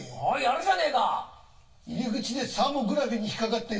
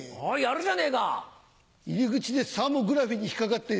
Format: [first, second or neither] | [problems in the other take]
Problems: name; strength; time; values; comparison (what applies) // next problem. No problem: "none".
second | room echo; dies away in 0.2 s